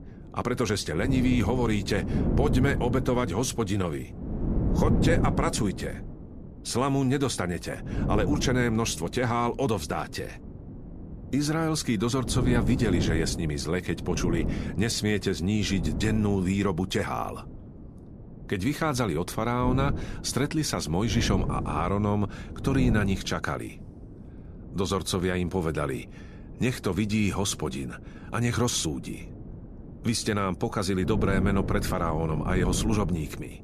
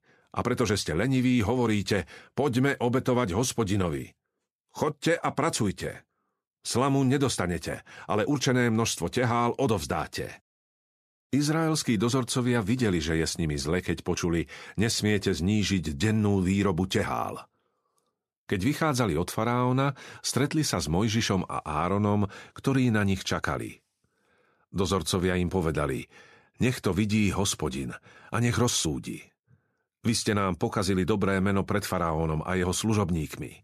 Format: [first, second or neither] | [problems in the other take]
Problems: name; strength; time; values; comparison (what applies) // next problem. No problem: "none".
second | wind noise on the microphone; heavy; 10 dB below the speech